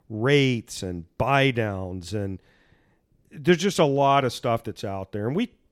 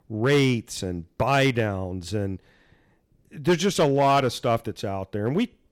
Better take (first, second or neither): first